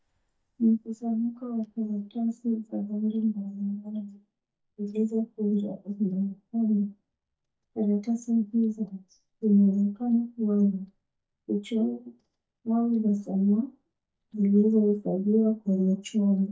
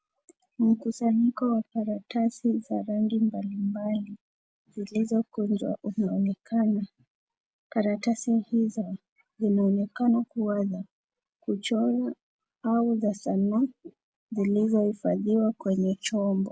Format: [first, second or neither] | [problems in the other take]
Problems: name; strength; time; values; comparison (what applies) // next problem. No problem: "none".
second | noise reduction (neural mask model DeepFilterNet 3)